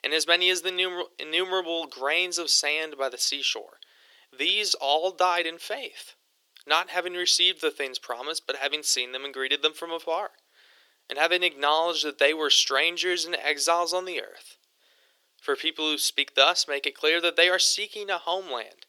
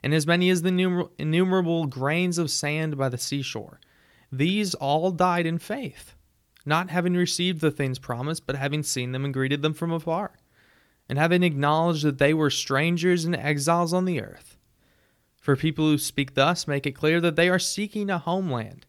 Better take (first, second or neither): second